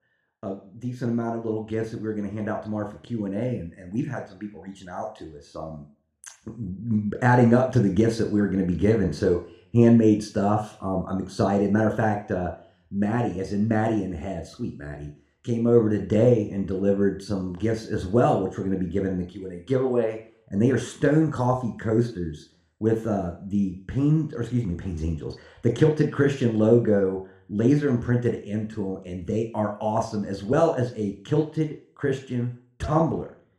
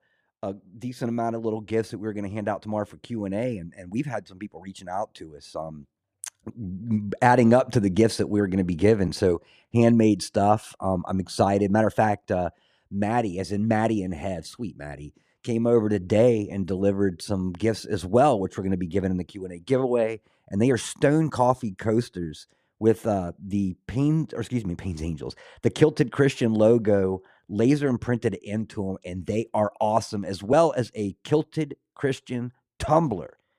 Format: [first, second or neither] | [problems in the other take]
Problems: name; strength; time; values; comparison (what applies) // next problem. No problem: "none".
second | room echo; slight; dies away in 0.5 s // off-mic speech; somewhat distant